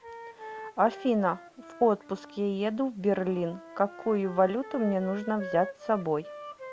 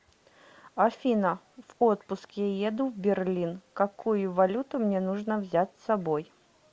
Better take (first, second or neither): second